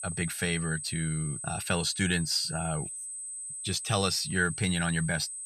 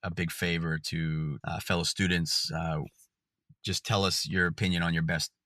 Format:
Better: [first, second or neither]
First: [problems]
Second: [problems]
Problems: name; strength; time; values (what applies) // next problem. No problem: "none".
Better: second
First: high-pitched whine; loud; throughout; 8 kHz, 6 dB below the speech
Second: none